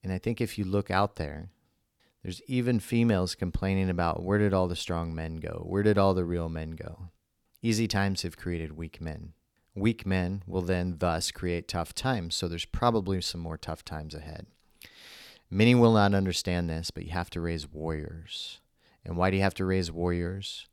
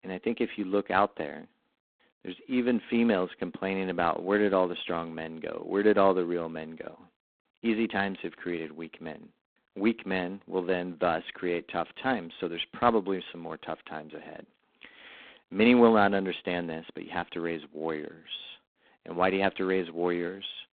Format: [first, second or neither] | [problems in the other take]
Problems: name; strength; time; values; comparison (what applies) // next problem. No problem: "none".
first | phone-call audio; poor line; nothing above 3.5 kHz